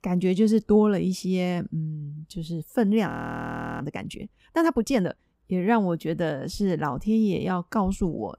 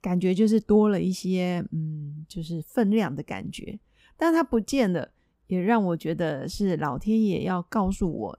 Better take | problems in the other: second | audio freezing; at 3 s for 0.5 s

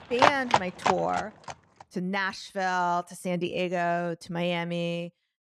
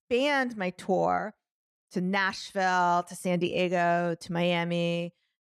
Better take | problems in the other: second | animal sounds; very loud; until 1.5 s; 3 dB above the speech

